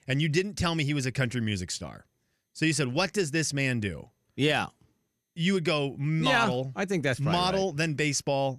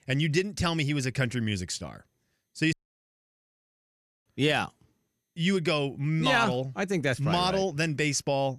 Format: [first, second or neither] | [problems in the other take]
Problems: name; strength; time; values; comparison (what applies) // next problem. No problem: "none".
first | audio cutting out; at 2.5 s for 1.5 s